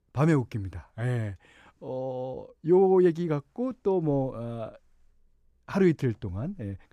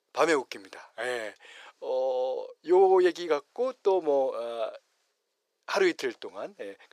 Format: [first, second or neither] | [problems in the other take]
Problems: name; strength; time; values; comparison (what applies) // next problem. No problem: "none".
first | thin; very; fading below 450 Hz